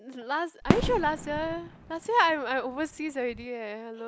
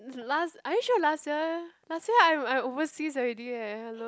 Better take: second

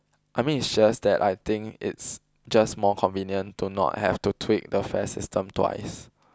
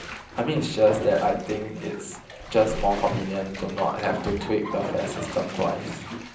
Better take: first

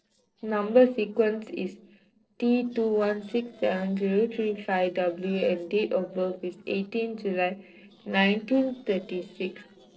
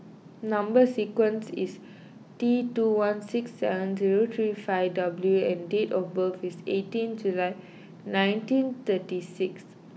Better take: second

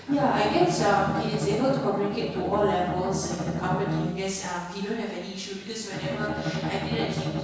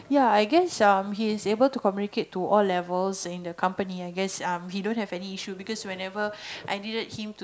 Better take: second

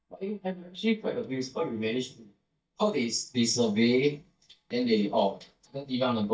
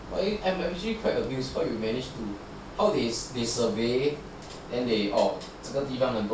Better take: second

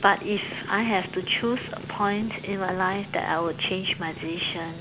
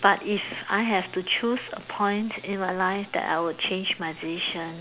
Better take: second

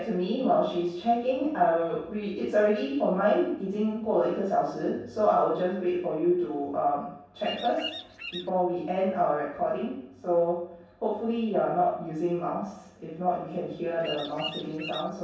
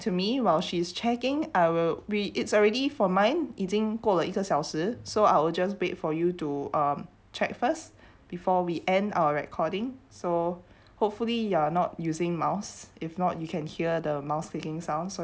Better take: second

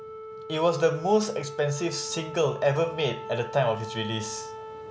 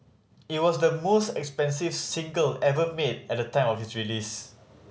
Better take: second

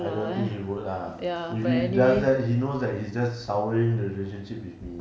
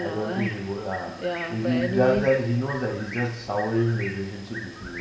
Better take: first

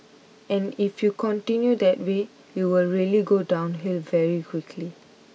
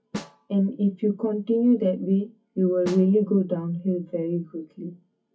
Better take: first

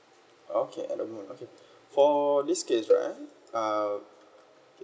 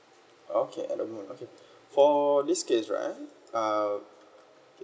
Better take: second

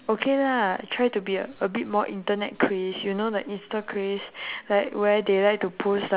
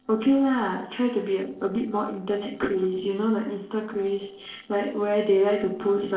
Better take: first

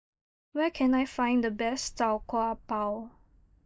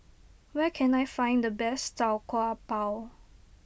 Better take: second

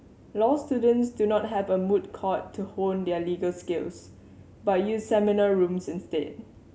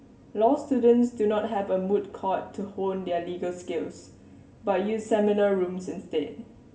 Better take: first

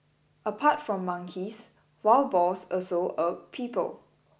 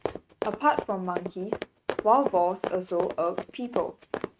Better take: first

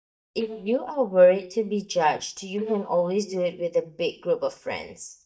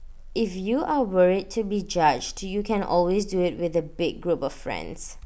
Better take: second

